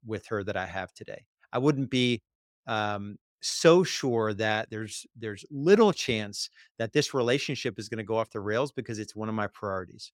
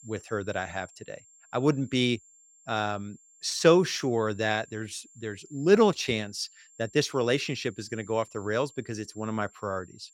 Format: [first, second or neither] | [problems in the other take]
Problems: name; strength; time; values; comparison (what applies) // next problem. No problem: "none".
first | high-pitched whine; faint; throughout; 7.5 kHz, 25 dB below the speech